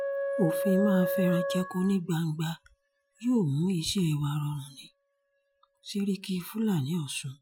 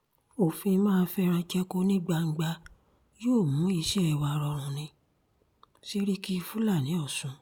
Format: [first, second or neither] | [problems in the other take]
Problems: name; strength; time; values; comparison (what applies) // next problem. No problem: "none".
second | noise reduction (classical method Wiener filter)